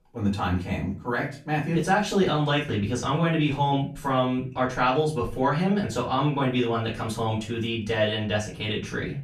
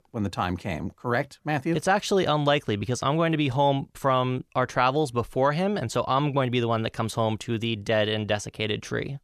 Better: second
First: off-mic speech; far // room echo; slight; dies away in 0.3 s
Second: none

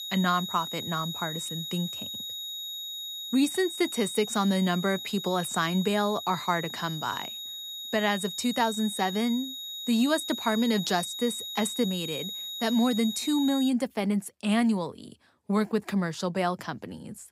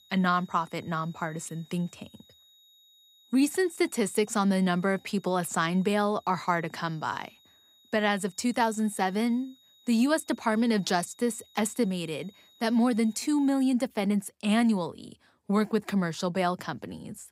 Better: second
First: high-pitched whine; loud; until 14 s; 4 kHz, 7 dB below the speech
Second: high-pitched whine; faint; until 14 s; 4 kHz, 30 dB below the speech

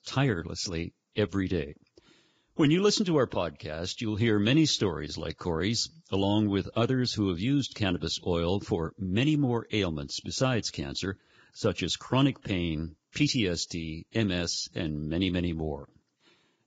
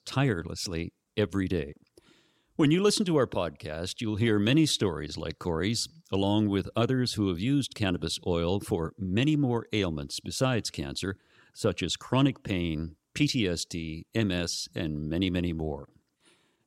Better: second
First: garbled, watery; badly; nothing above 7.5 kHz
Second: none

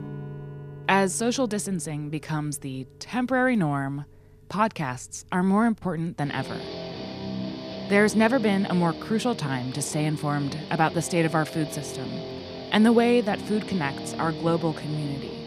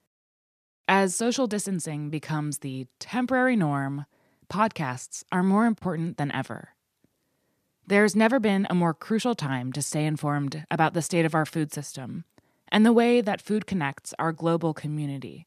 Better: second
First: background music; noticeable; throughout; 10 dB below the speech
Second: none

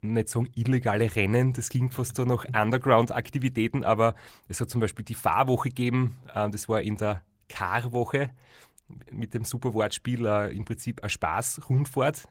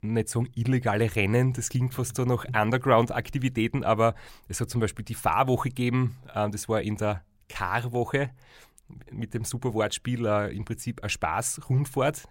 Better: second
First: garbled, watery; slightly; nothing above 16 kHz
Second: none

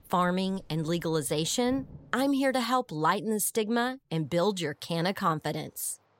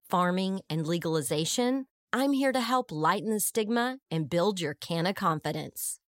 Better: second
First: rain or running water; faint; throughout; 25 dB below the speech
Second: none

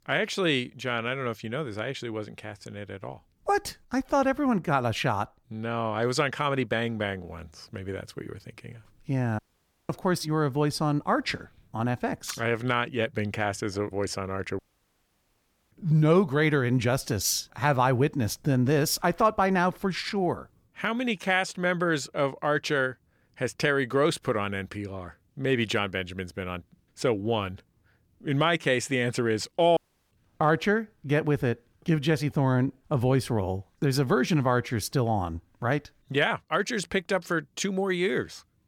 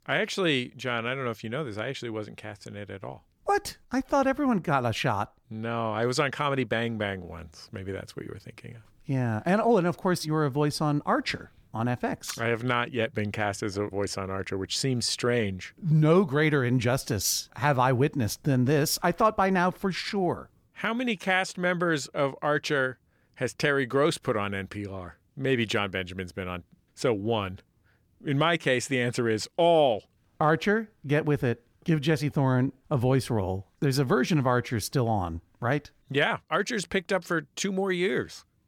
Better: second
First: audio cutting out; at 9.5 s for 0.5 s, at 15 s for 1 s and at 30 s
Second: none

